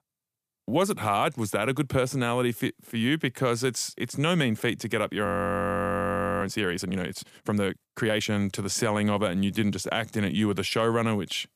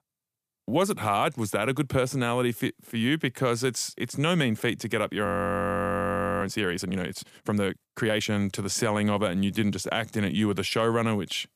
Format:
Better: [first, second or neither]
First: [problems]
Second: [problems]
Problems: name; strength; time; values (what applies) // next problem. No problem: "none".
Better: neither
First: audio freezing; at 5.5 s for 1 s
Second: audio freezing; at 5.5 s for 1 s